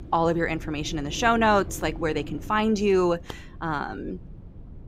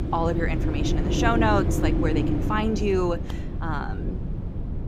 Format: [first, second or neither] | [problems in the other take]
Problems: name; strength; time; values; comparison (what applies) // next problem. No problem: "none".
first | wind noise on the microphone; heavy; 6 dB below the speech; occasional gusts in the first